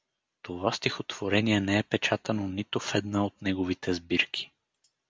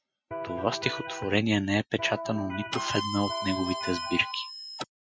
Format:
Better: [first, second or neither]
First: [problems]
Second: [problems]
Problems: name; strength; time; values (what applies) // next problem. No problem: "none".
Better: first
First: none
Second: noise reduction (classical method Wiener filter)